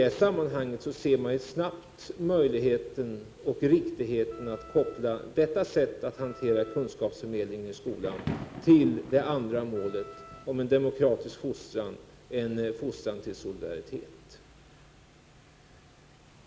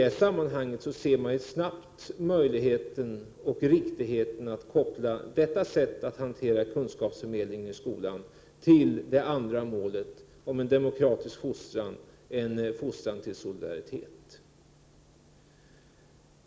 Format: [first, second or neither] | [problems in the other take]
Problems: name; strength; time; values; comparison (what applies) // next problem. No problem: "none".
second | background sound (Thunder / Rain + Wind instrument, woodwind instrument); 18 dB below the speech